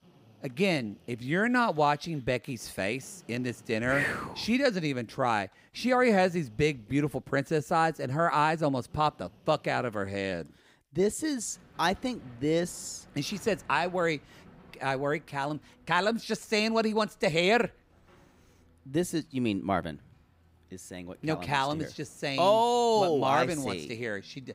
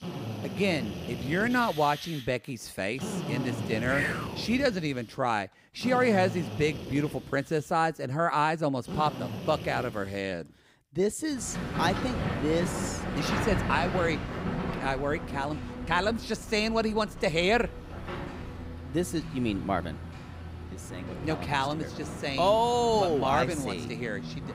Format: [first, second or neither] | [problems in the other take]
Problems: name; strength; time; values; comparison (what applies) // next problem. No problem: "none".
first | machinery noise; loud; throughout; 7 dB below the speech; faint in the first